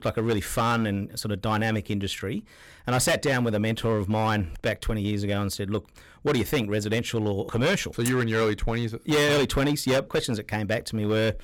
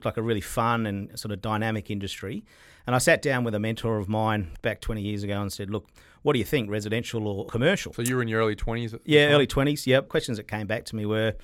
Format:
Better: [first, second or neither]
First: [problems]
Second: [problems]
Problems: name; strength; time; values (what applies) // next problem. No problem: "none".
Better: second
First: distortion; heavy; 10% of the sound clipped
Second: none